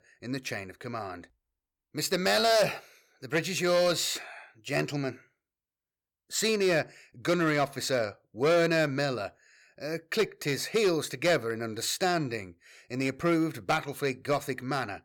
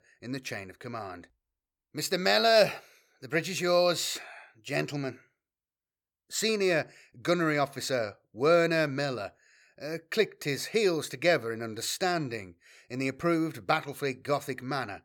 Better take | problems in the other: second | distortion; slight; 4% of the sound clipped

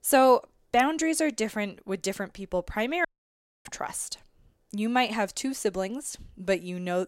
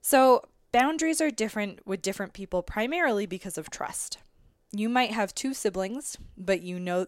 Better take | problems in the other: second | audio cutting out; at 3 s for 0.5 s

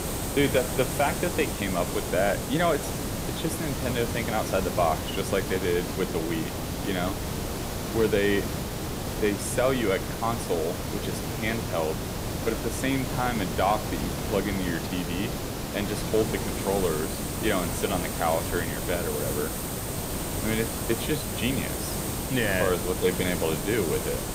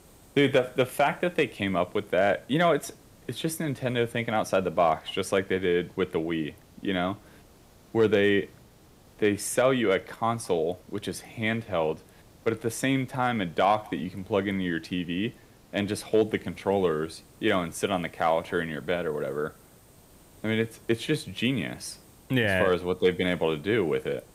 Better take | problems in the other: second | hiss; loud; throughout; 2 dB below the speech; faint in the second

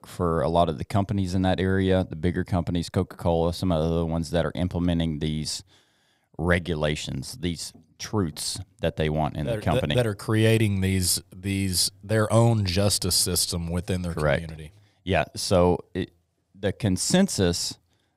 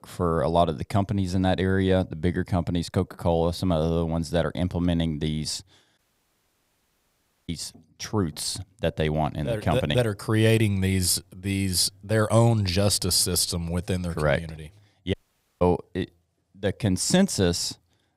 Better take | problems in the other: first | audio cutting out; at 6 s for 1.5 s and at 15 s

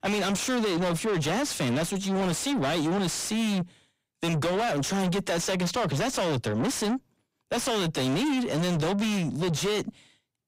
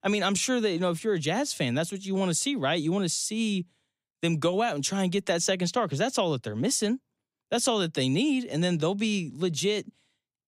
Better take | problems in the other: second | distortion; heavy; 6 dB below the speech

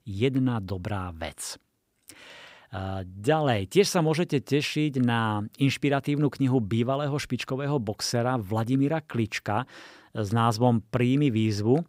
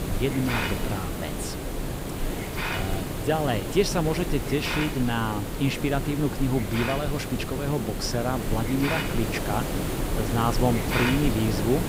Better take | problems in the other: first | hiss; loud; throughout; 2 dB below the speech

